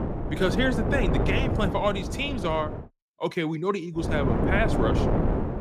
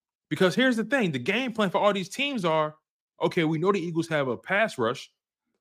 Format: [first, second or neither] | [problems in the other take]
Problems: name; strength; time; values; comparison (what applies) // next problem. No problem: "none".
second | wind noise on the microphone; heavy; until 3 s and from 4 s on; 3 dB below the speech